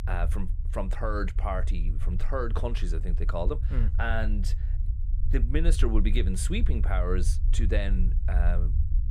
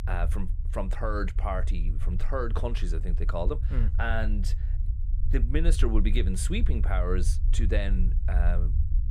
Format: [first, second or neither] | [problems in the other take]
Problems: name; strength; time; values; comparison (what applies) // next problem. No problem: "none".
neither | low rumble; noticeable; throughout; 15 dB below the speech; the same in both